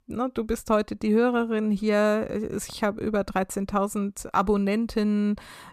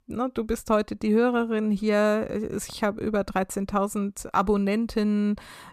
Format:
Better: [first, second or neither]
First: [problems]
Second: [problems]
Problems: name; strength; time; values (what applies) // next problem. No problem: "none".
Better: neither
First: none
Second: none